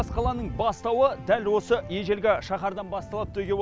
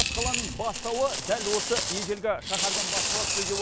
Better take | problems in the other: first | background sound (Coin (dropping)); 1 dB above the speech

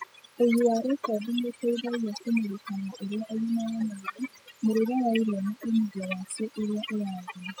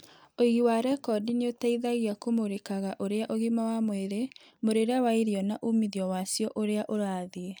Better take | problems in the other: second | noise reduction (classical method spectral subtraction)

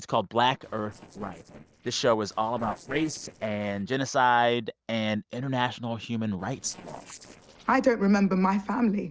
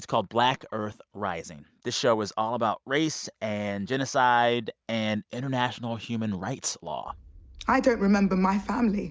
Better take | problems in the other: second | noise reduction (neural separator model SepFormer DNS4)

